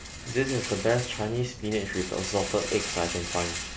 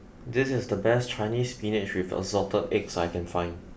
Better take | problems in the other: second | background sound (Rattle); 7 dB below the speech

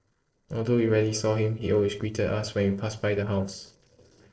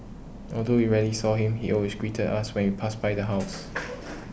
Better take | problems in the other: second | noise reduction (neural separator model SepFormer DNS4)

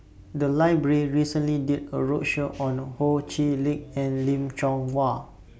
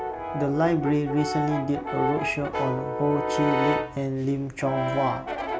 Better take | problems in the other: first | background sound (Brass instrument); 3 dB below the speech

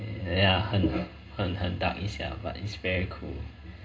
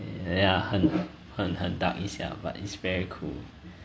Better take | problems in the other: second | room echo; dies away in 0.2 s

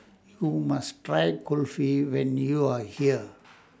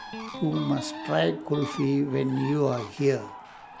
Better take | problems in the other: first | background sound (Electric guitar + Bird); 12 dB below the speech

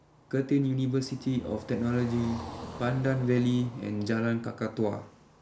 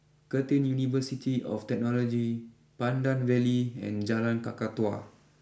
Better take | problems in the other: second | background sound (Car passing by); 16 dB below the speech

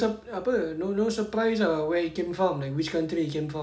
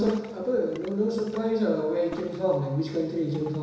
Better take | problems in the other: first | background sound (Ocean); 18 dB below the speech // room echo; dies away in 1 s

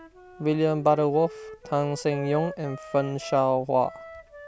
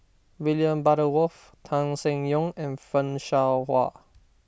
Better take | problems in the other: second | background sound (Wind instrument, woodwind instrument); 17 dB below the speech

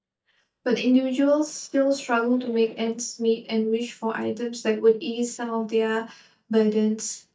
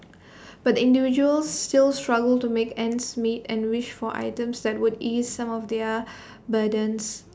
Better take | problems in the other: second | noise reduction (neural mask model DeepFilterNet 3)

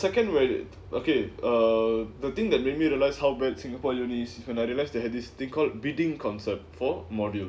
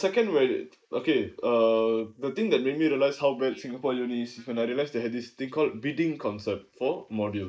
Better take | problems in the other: first | noise reduction (neural mask model Resemble Enhance denoiser)

